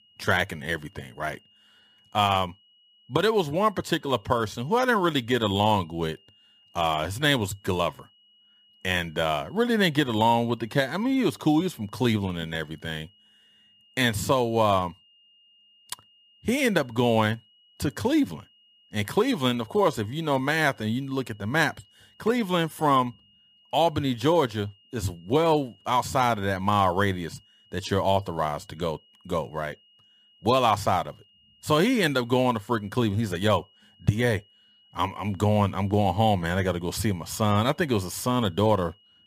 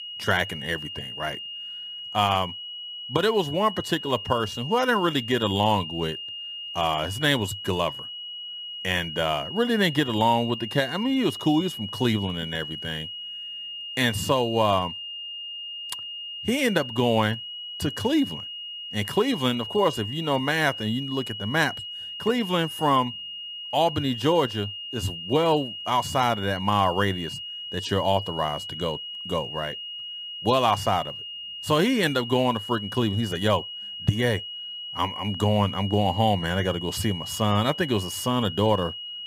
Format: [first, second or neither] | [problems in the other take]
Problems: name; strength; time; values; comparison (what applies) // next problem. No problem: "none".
first | high-pitched whine; loud; throughout; 3 kHz, 8 dB below the speech; faint in the first